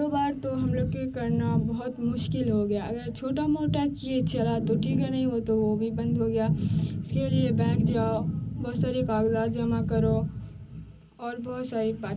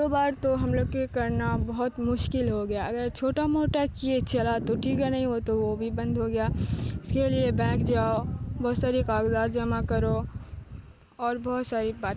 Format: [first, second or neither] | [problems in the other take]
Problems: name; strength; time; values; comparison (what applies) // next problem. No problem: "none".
second | room echo; dies away in 0.4 s